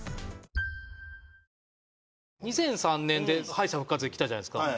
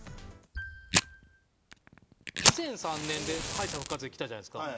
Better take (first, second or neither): first